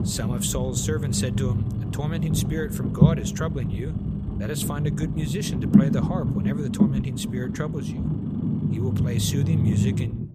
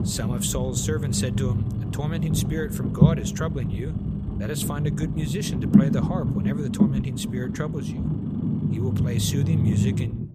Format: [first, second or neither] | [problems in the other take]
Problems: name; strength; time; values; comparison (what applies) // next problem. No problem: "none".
neither | low rumble; loud; throughout; as loud as the speech; the same in both